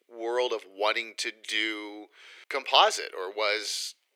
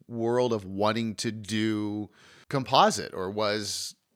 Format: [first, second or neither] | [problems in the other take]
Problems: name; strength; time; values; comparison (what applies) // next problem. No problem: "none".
second | thin; very; fading below 350 Hz